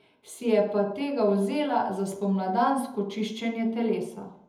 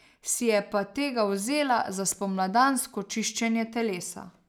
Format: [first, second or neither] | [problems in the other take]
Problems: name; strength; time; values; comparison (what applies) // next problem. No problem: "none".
second | room echo; dies away in 0.7 s